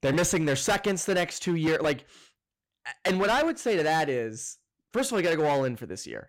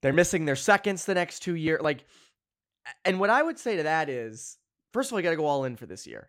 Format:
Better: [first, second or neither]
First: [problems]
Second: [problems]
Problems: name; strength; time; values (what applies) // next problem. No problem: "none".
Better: second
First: distortion; heavy; 12% of the sound clipped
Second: none